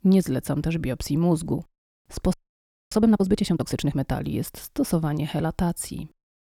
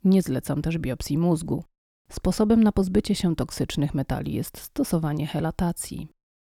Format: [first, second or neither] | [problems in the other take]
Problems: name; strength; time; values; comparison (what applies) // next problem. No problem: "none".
second | audio freezing; at 2.5 s for 0.5 s